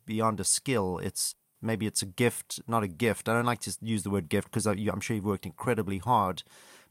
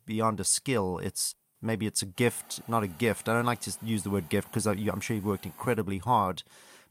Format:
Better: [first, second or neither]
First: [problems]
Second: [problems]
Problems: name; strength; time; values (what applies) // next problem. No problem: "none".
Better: first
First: none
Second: hiss; faint; from 2 to 6 s; 20 dB below the speech